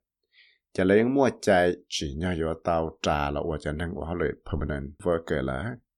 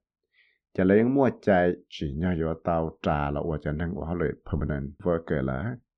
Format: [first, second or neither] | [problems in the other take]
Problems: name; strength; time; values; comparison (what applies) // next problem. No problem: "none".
first | muffled; very; fading above 2 kHz